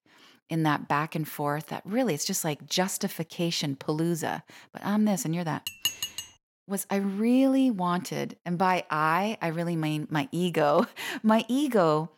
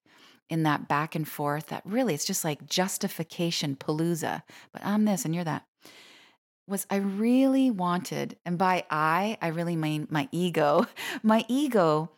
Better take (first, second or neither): second